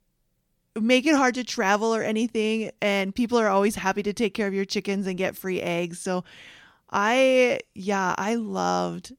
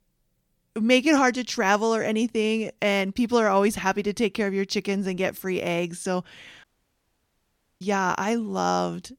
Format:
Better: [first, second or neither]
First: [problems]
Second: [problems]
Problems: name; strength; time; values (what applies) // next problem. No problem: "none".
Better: first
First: none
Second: audio cutting out; at 6.5 s for 1 s